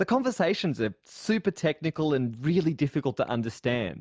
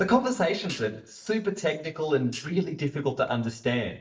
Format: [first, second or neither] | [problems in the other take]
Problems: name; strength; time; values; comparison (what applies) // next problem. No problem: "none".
first | noise reduction (neural mask model DeepFilterNet 3)